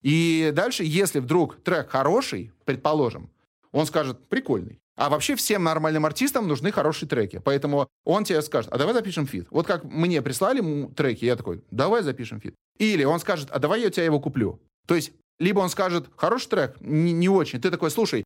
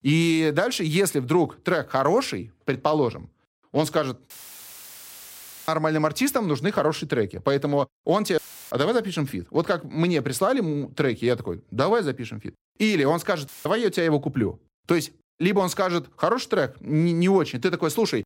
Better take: first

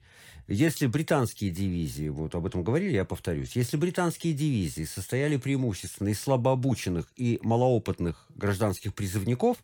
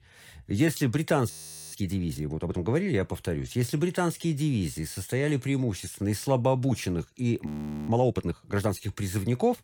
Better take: first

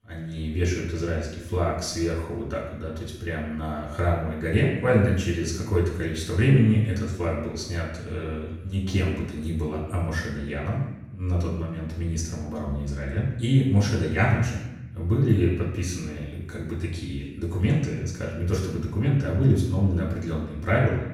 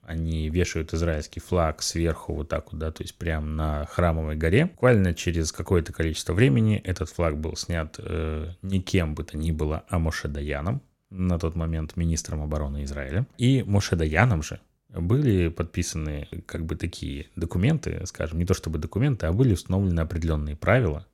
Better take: second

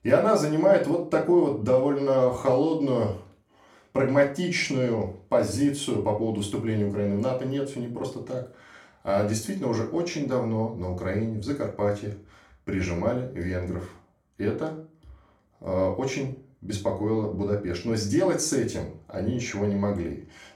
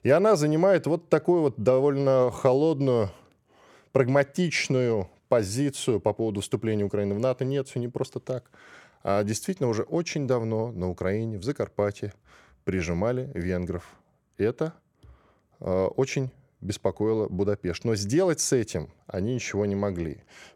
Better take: second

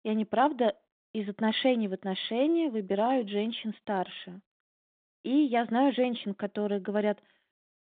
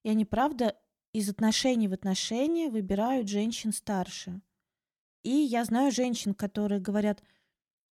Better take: second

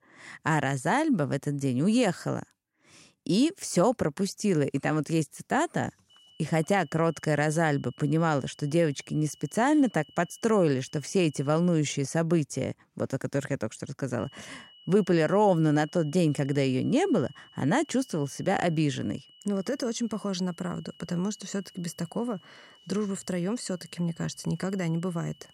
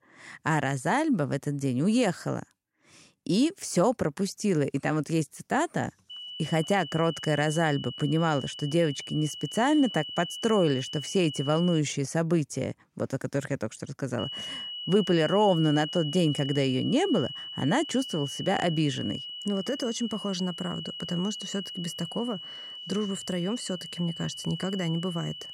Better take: first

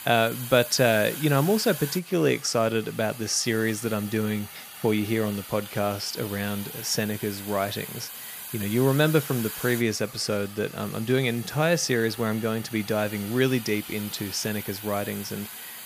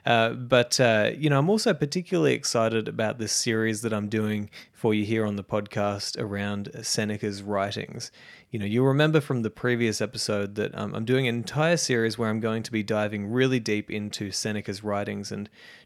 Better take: second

